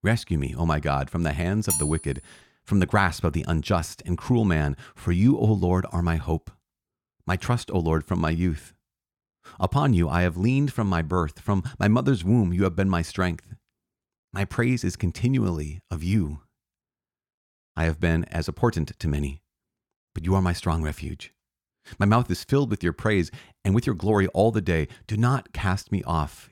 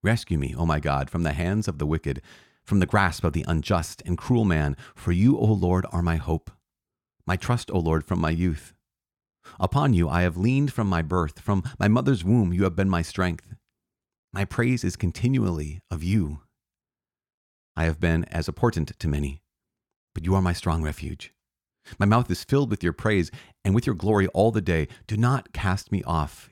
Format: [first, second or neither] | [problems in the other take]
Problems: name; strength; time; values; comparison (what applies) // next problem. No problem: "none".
second | clattering dishes; noticeable; at 1.5 s; peak 1 dB below the speech